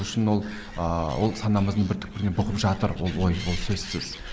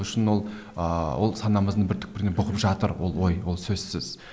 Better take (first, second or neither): second